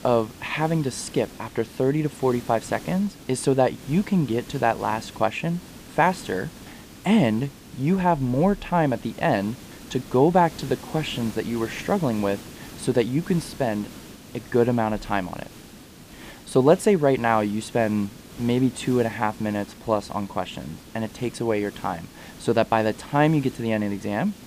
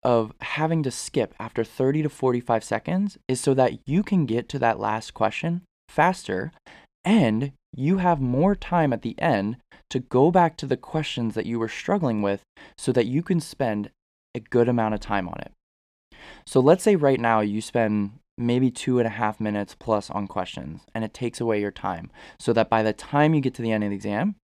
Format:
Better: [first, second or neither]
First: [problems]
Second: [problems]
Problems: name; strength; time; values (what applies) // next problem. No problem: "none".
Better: second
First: hiss; noticeable; throughout; 20 dB below the speech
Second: none